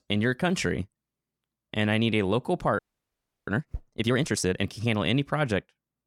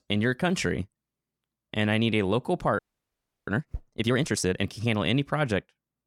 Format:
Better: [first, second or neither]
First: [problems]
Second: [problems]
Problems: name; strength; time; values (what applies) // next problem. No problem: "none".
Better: neither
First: audio freezing; at 3 s for 0.5 s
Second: audio freezing; at 3 s for 0.5 s